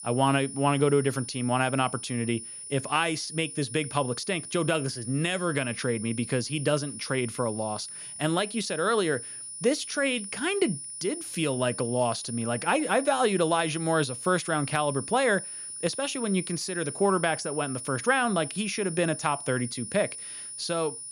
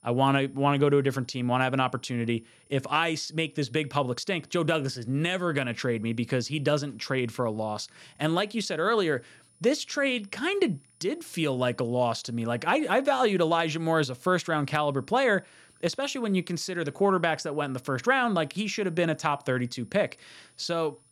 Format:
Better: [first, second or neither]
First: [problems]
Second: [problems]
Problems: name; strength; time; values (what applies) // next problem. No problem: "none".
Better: second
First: high-pitched whine; loud; throughout; 9.5 kHz, 9 dB below the speech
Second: high-pitched whine; faint; throughout; 9.5 kHz, 35 dB below the speech